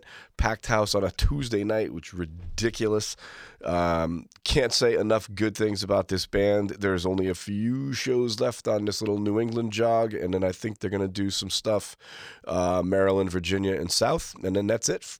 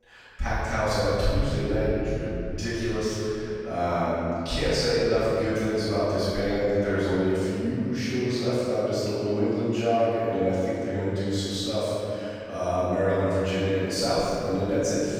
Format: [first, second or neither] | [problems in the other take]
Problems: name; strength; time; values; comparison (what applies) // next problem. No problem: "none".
first | off-mic speech; far // room echo; strong; dies away in 2.7 s